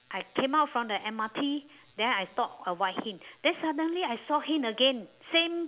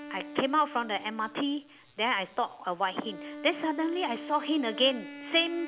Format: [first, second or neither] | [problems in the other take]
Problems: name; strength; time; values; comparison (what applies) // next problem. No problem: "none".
first | background sound (Wind instrument, woodwind instrument); 13 dB below the speech